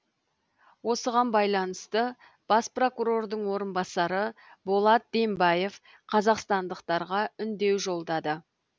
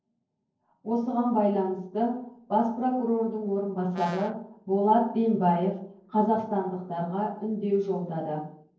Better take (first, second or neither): first